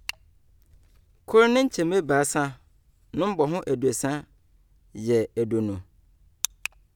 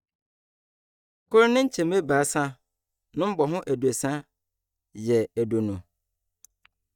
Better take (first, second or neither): first